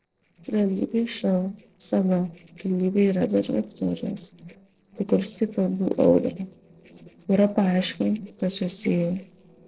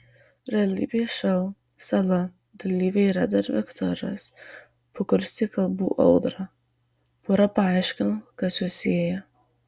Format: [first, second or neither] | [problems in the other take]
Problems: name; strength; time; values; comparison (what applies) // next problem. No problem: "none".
second | noise reduction (neural separator model SepFormer DNS4)